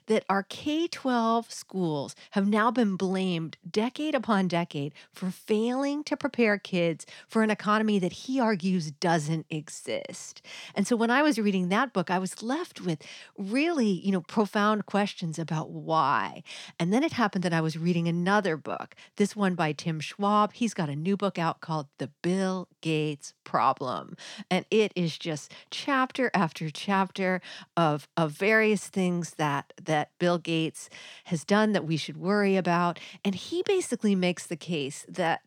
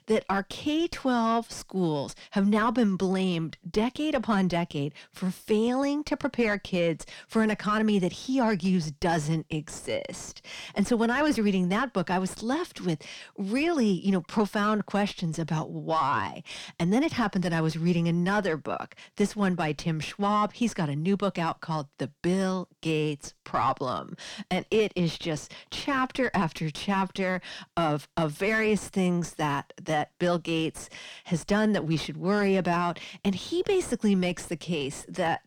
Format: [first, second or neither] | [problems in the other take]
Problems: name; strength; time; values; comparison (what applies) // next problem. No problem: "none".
first | distortion; slight; 9 dB below the speech